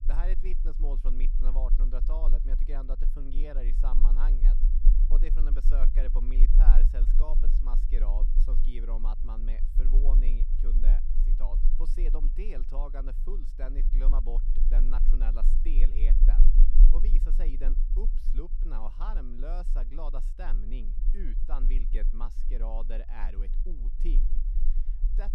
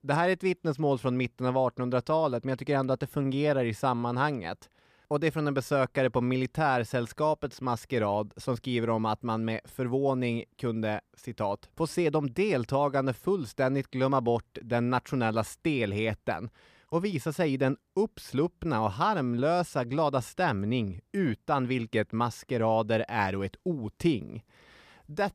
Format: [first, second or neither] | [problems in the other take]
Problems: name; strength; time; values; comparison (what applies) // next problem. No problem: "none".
second | low rumble; loud; throughout; 9 dB below the speech